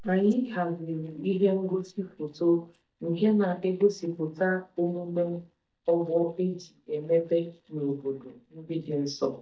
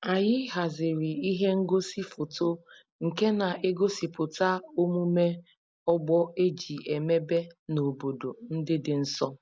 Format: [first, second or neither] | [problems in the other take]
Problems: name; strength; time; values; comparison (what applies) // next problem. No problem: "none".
second | noise reduction (neural mask model DeepFilterNet 3)